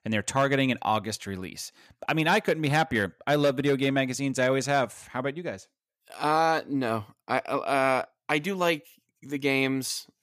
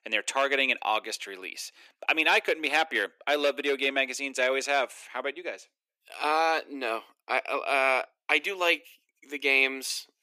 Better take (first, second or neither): first